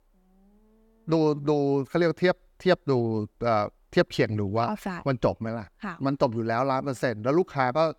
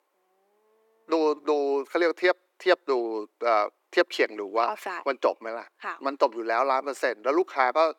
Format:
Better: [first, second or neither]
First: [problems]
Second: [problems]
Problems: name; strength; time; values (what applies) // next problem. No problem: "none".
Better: first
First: none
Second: thin; very; fading below 350 Hz